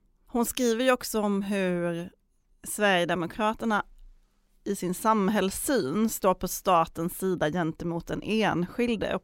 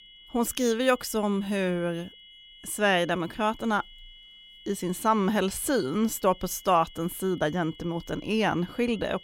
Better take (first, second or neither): first